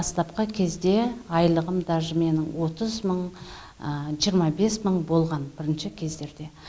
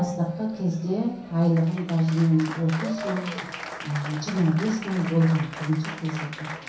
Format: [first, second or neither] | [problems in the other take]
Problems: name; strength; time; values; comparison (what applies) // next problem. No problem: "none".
first | background sound (Applause); 12 dB below the speech // room echo; dies away in 0.6 s